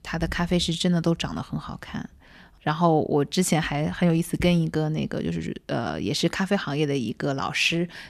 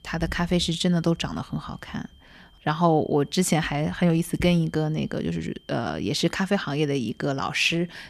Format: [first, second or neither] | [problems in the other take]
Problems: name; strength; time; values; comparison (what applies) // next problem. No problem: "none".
first | high-pitched whine; faint; throughout; 3 kHz, 30 dB below the speech